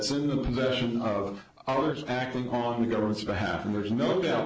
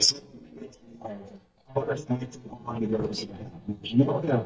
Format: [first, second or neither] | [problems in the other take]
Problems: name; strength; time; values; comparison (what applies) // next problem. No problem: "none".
first | noise reduction (neural mask model DeepFilterNet 3)